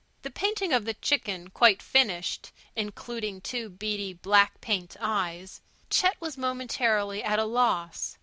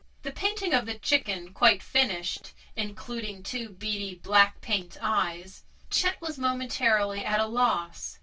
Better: first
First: none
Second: noise reduction (neural separator model SepFormer DNS4)

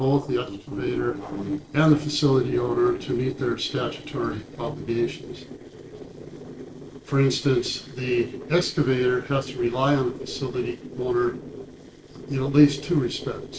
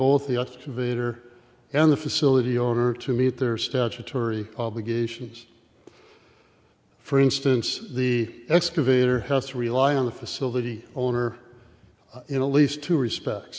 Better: second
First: noise reduction (neural separator model SepFormer DNS4)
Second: none

